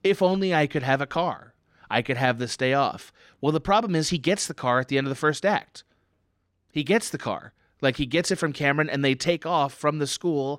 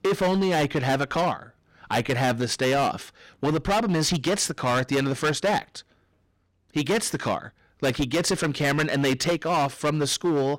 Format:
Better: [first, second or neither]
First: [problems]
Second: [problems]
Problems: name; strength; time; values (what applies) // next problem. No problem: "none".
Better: first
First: none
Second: distortion; heavy; 16% of the sound clipped